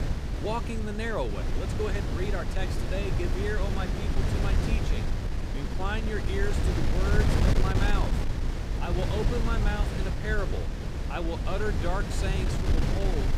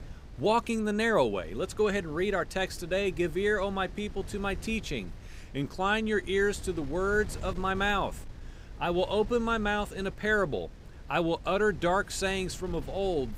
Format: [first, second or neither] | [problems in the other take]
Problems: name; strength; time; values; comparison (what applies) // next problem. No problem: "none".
second | wind noise on the microphone; heavy; 2 dB below the speech; occasional gusts in the second